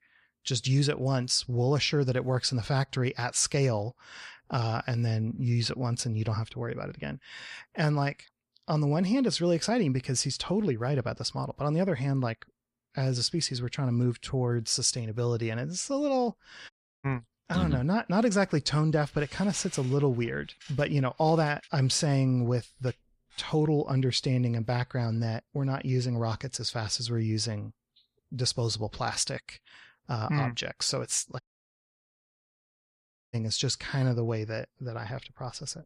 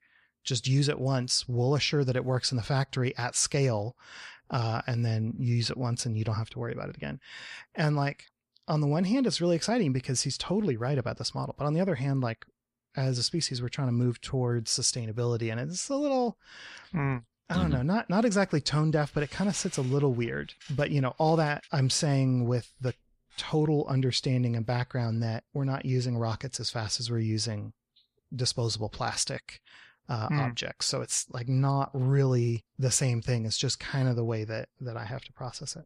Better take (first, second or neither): second